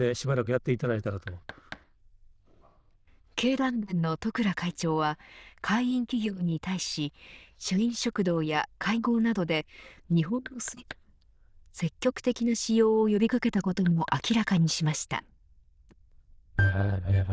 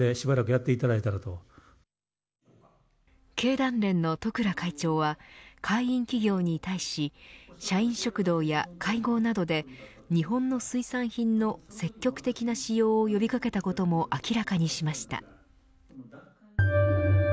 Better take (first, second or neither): second